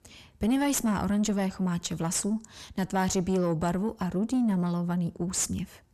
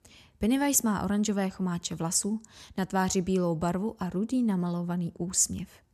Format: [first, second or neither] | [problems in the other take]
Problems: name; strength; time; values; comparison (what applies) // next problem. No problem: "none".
second | distortion; slight; 9 dB below the speech